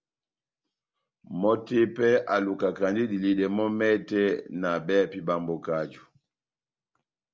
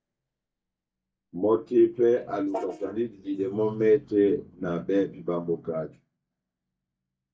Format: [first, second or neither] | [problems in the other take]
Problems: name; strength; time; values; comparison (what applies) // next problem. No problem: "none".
first | noise reduction (neural mask model DeepFilterNet 3)